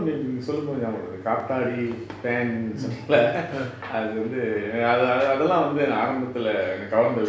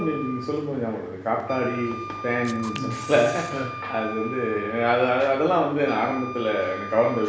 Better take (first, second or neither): first